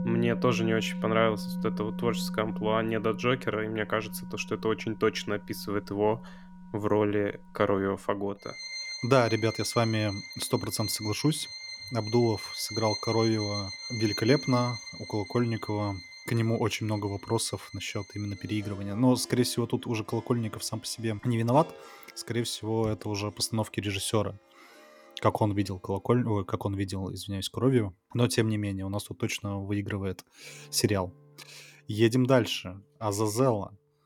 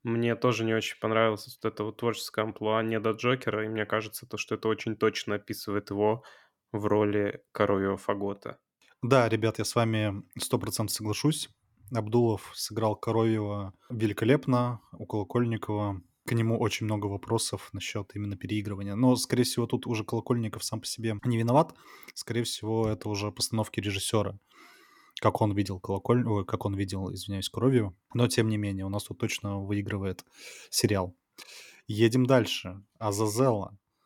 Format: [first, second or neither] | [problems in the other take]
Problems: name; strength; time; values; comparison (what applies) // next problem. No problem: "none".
second | background music; loud; throughout; 9 dB below the speech